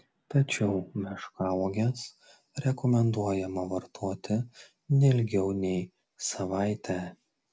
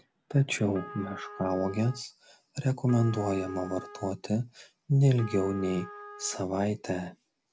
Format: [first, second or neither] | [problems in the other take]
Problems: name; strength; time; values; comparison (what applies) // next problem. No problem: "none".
first | background sound (Trumpet); 17 dB below the speech